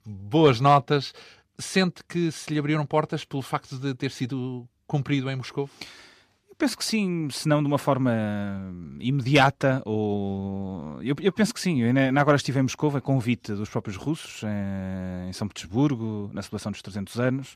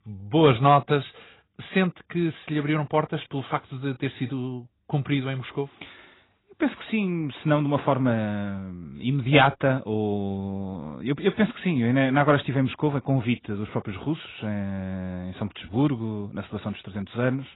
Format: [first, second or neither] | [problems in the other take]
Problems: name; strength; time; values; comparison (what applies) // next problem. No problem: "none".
first | garbled, watery; badly; nothing above 4 kHz